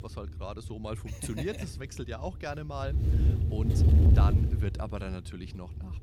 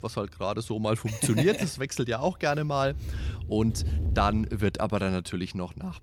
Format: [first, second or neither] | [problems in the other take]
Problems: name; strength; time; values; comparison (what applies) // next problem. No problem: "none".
second | wind noise on the microphone; heavy; 1 dB above the speech; occasional gusts in the second